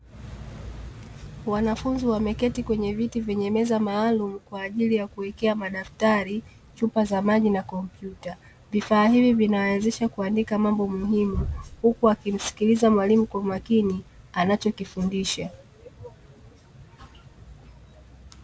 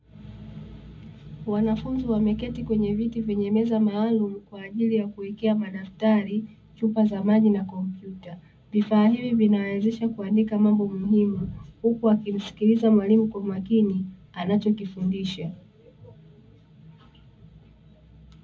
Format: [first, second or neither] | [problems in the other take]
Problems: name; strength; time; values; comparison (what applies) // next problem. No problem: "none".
first | room echo; dies away in 0.4 s